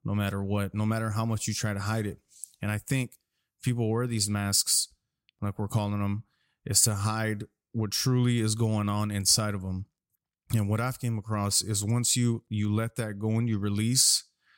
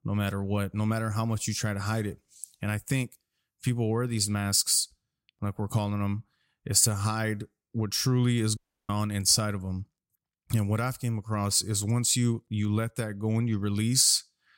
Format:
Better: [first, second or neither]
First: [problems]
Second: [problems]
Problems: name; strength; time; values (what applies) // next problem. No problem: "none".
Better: first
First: none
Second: audio cutting out; at 8.5 s